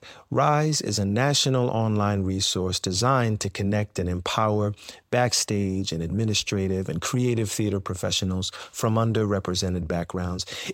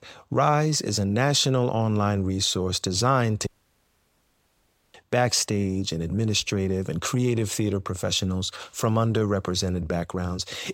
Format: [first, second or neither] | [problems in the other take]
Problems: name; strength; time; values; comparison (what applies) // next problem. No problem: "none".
first | audio cutting out; at 3.5 s for 1.5 s